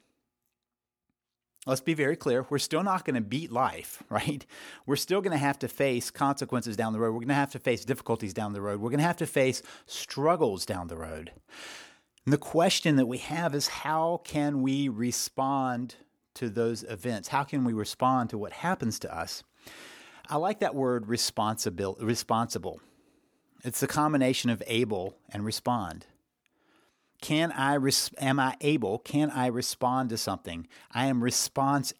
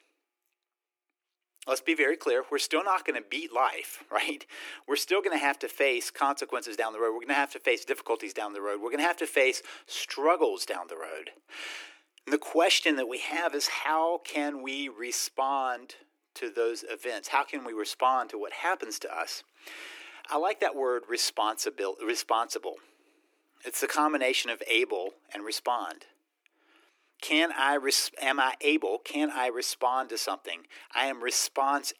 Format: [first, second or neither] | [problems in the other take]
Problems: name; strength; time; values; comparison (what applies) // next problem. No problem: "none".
first | thin; somewhat; fading below 300 Hz